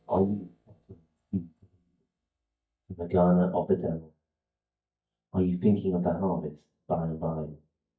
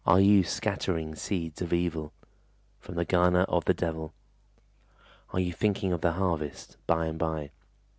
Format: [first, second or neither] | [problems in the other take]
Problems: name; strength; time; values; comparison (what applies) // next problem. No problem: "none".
second | noise reduction (neural mask model DeepFilterNet 3)